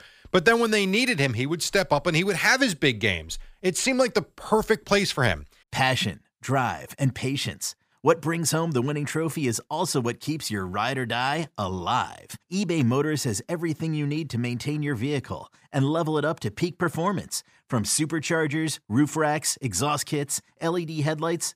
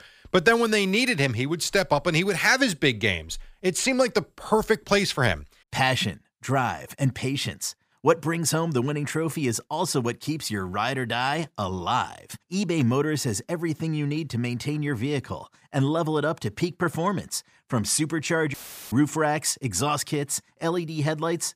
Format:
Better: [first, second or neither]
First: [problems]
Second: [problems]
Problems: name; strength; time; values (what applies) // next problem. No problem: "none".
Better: first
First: none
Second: audio cutting out; filled with static; at 19 s